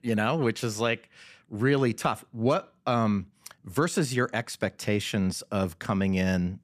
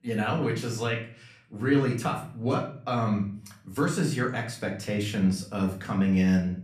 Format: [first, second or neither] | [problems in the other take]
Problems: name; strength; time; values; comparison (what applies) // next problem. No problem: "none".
first | room echo; slight; dies away in 0.4 s // off-mic speech; far